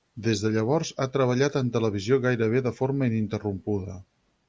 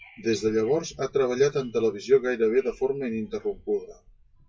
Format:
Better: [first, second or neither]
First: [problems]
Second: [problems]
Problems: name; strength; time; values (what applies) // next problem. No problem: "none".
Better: first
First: none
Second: noise reduction (classical method WPE with log-MMSE)